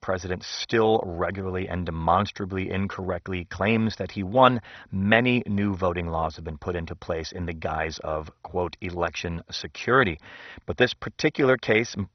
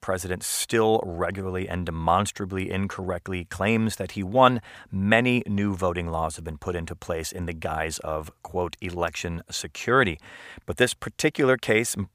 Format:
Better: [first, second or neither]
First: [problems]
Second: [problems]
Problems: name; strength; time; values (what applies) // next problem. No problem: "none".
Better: second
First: garbled, watery; badly; nothing above 6 kHz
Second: none